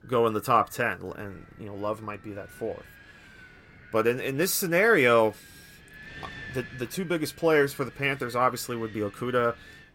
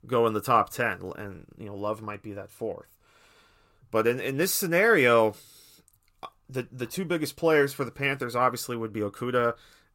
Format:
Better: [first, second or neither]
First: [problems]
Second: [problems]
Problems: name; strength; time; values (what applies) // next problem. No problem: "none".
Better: second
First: wind noise on the microphone; occasional gusts; 20 dB below the speech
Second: none